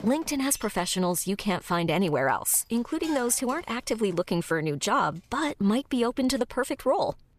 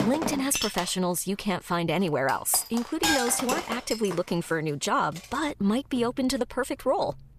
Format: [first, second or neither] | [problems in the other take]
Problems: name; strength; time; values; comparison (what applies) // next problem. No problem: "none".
first | household noises; loud; throughout; 4 dB below the speech; faint in the first